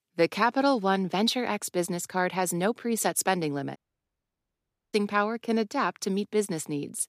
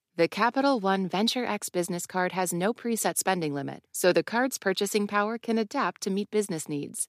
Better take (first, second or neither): second